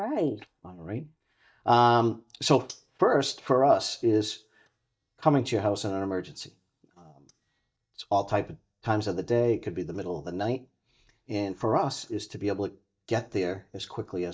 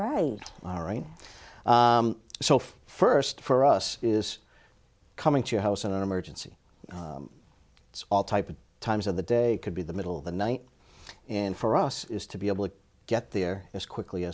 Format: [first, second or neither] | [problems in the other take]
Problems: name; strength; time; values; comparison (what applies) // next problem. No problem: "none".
second | noise reduction (neural mask model DeepFilterNet 3)